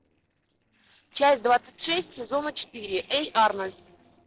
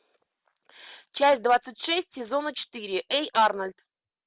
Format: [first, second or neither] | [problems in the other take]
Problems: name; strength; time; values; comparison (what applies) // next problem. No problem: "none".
second | noise reduction (neural separator model SepFormer DNS4)